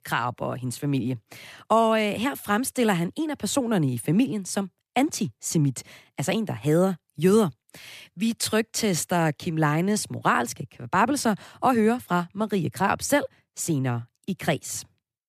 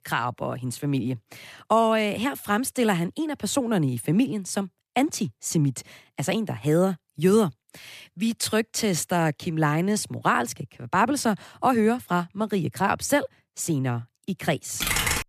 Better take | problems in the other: first | keyboard typing; loud; at 15 s; peak 2 dB above the speech

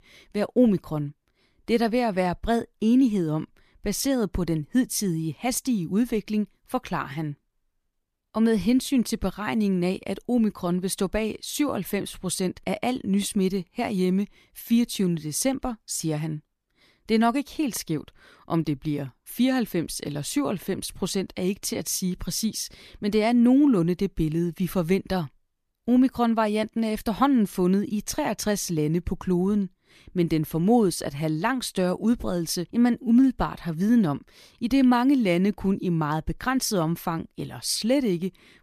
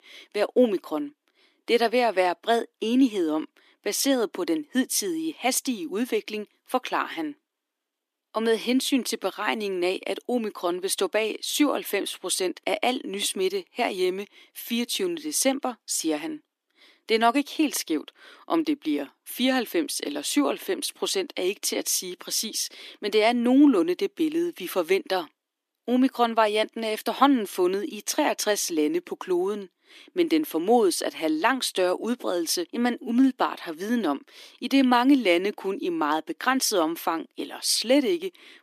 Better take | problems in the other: first | thin; very slightly; fading below 300 Hz

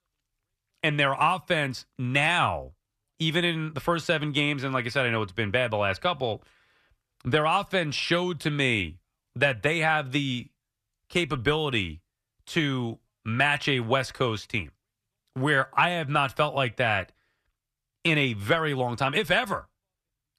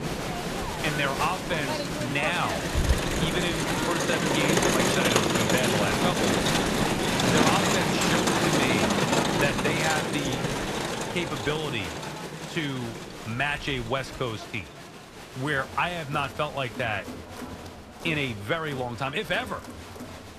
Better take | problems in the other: first | crowd noise; very loud; throughout; 4 dB above the speech

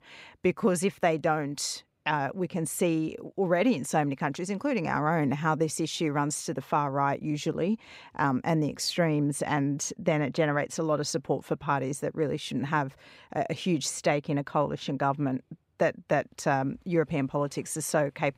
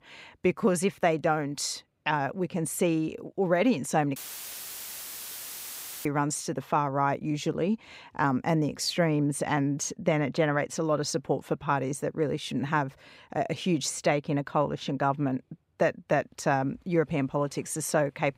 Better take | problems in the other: first | audio cutting out; filled with static; at 4 s for 2 s

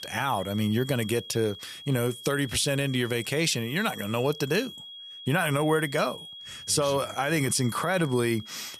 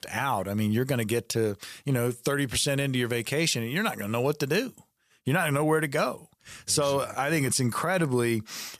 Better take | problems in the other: second | high-pitched whine; noticeable; throughout; 3.5 kHz, 15 dB below the speech

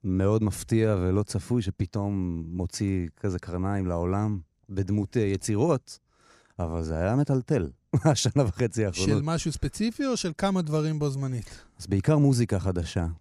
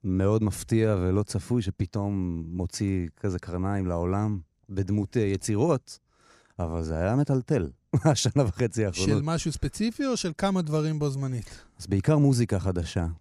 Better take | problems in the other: neither | none

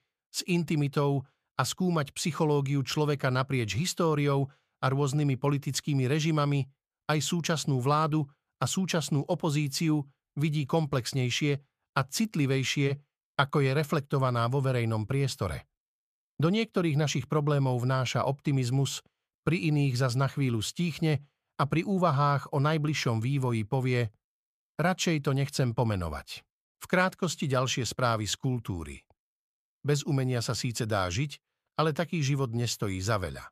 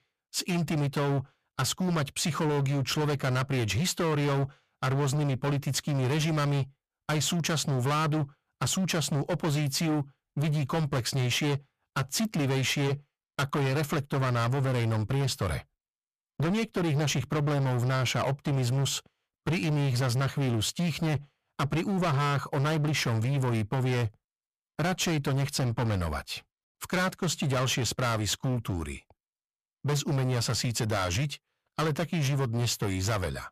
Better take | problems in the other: first | distortion; heavy; 27% of the sound clipped

